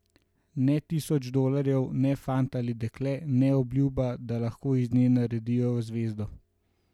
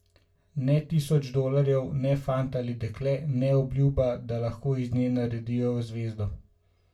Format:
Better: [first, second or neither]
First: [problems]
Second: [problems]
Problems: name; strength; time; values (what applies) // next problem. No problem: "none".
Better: first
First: none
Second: room echo; dies away in 0.2 s